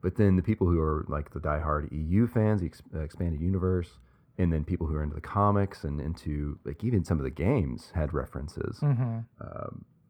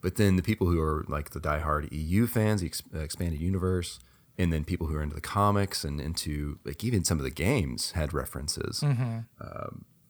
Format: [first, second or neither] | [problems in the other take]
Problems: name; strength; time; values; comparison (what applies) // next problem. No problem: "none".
second | muffled; very; fading above 2.5 kHz